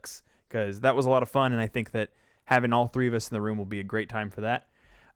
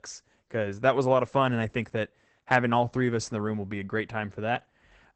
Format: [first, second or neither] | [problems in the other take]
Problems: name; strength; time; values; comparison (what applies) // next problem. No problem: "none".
first | garbled, watery; badly; nothing above 8 kHz; slightly in the first